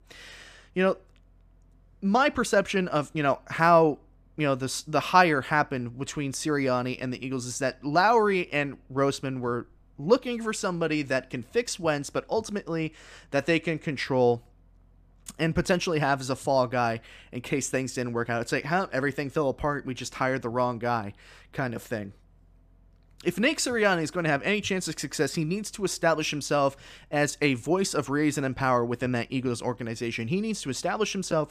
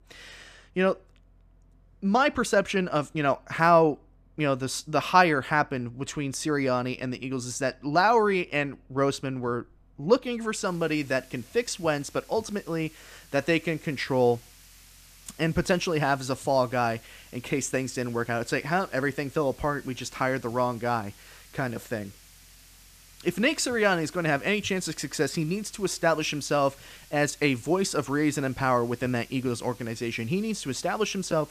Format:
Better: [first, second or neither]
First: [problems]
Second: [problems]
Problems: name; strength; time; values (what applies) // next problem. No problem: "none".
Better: first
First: none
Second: hiss; faint; from 11 s on; 25 dB below the speech